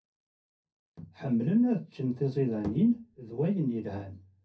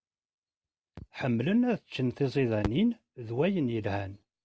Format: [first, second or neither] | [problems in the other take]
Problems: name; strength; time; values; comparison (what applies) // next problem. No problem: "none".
second | room echo; dies away in 0.3 s